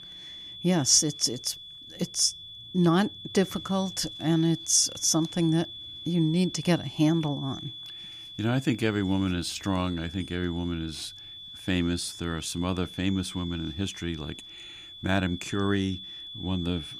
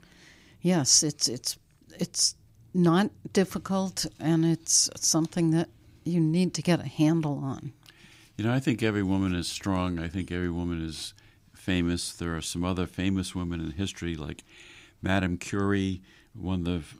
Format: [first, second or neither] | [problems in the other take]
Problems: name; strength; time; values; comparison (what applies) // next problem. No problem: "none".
second | high-pitched whine; noticeable; throughout; 3.5 kHz, 15 dB below the speech